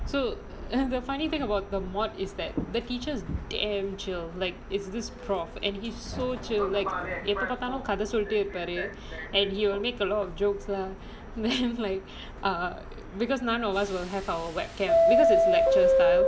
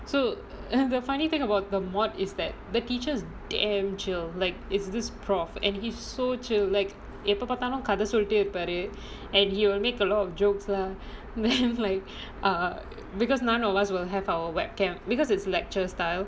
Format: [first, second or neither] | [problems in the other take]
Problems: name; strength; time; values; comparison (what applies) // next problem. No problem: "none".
second | background sound (Subway, metro, underground); as loud as the speech